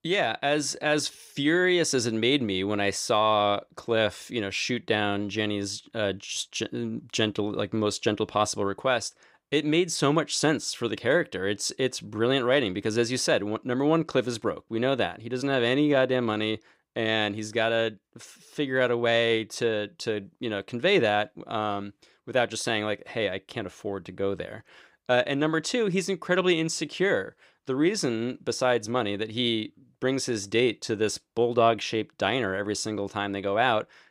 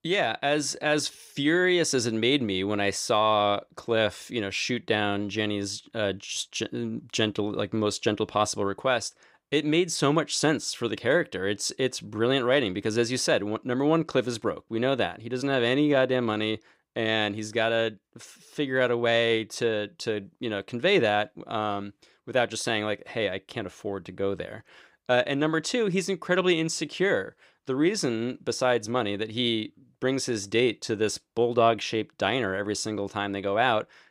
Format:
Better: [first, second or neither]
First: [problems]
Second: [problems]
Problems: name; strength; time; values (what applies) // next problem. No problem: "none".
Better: neither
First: none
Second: none